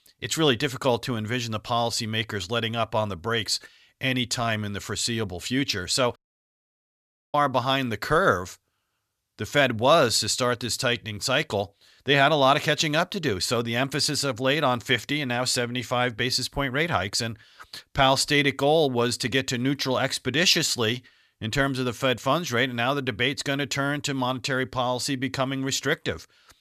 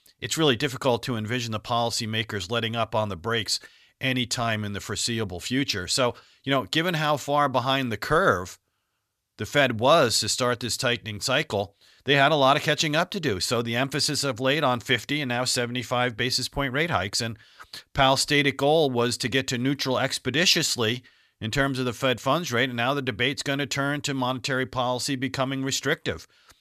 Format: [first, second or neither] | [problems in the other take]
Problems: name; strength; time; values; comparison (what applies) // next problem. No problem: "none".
second | audio cutting out; at 6 s for 1 s